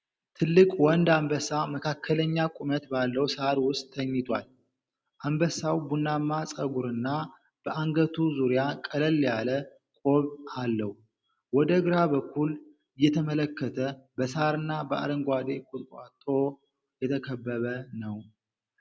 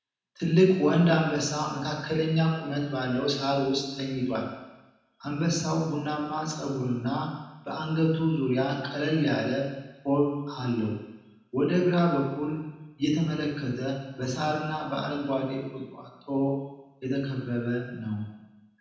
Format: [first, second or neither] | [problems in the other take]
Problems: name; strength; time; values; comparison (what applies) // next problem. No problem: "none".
first | room echo; dies away in 1 s